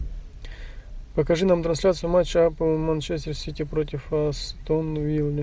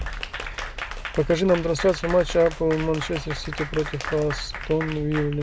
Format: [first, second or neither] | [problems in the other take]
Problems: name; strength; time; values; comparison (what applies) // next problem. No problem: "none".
first | background sound (Applause / Crowd); 11 dB below the speech